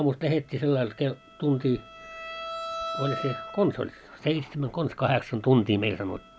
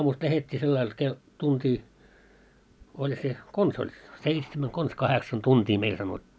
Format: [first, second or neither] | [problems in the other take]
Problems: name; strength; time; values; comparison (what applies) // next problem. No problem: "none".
second | background sound (Bowed string instrument); 13 dB below the speech